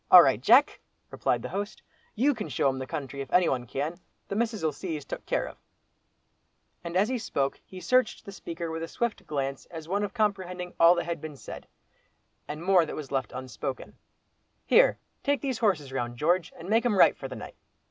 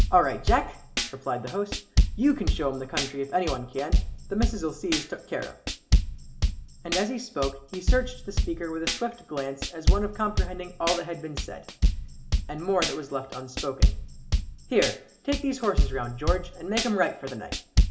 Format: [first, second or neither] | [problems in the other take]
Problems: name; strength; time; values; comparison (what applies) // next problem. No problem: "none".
first | background sound (Tambourine / Drum / Drum kit); 2 dB above the speech // room echo; dies away in 0.4 s